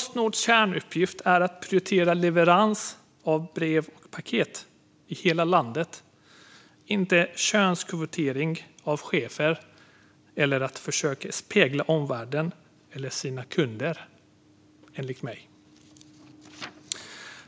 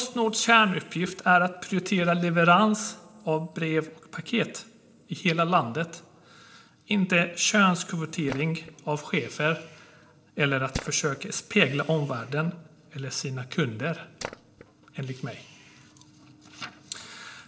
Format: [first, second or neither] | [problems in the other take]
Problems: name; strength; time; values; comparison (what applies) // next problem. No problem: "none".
first | noise reduction (neural separator model SepFormer DNS4)